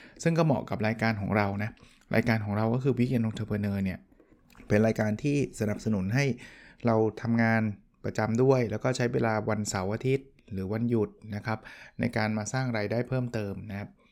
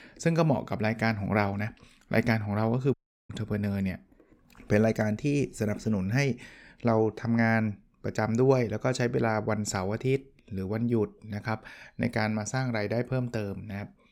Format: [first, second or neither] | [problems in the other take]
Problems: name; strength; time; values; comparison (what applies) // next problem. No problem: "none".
first | audio cutting out; at 3 s